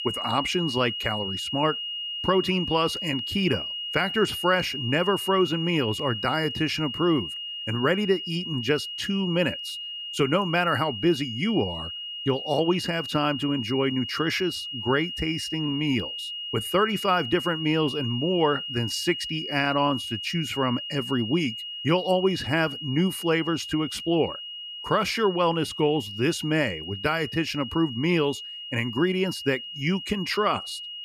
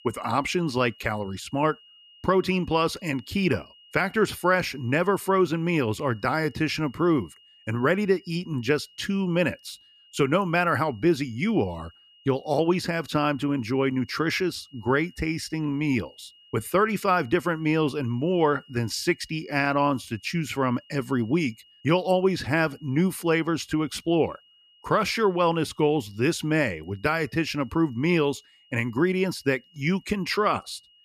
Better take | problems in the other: second | high-pitched whine; loud; throughout; 3 kHz, 6 dB below the speech; faint in the second

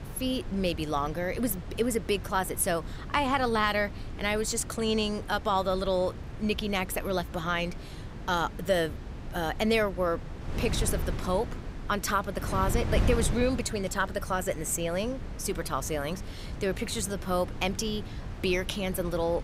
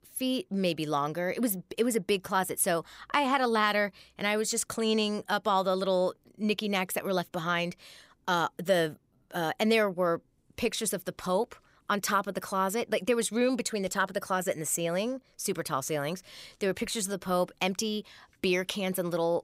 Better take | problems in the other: second | wind noise on the microphone; occasional gusts; 15 dB below the speech

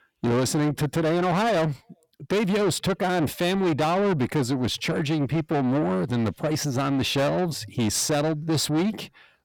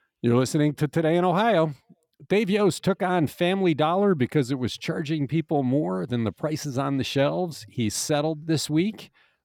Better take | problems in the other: second | distortion; heavy; 8 dB below the speech

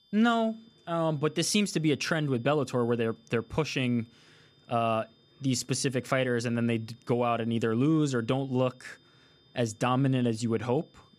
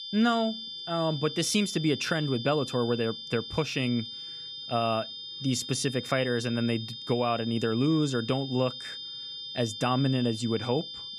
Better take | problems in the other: first | high-pitched whine; loud; throughout; 3.5 kHz, 9 dB below the speech; faint in the first

